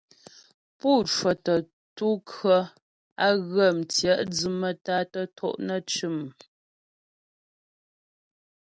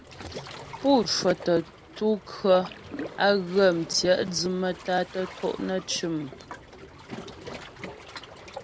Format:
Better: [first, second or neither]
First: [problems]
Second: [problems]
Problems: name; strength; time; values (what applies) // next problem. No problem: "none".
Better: first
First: none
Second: background sound (Splash, splatter + Waves, surf); 14 dB below the speech